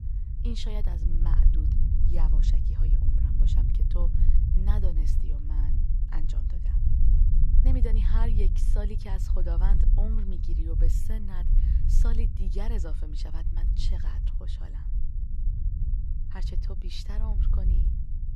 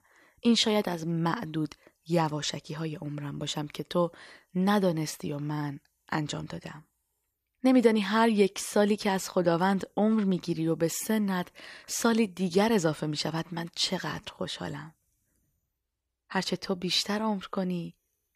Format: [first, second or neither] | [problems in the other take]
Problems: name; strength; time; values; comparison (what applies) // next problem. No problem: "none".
second | low rumble; loud; throughout; 3 dB below the speech